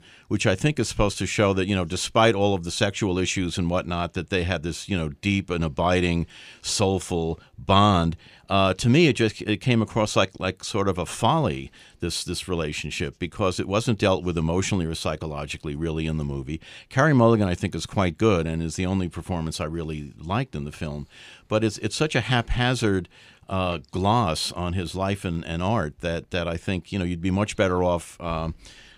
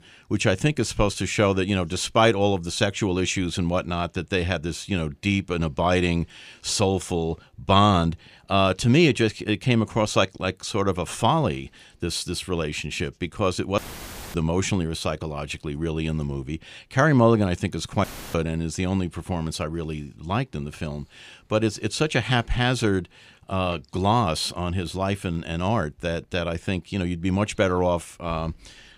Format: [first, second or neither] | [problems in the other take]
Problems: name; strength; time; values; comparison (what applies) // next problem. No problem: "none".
first | audio cutting out; filled with static; at 14 s for 0.5 s and at 18 s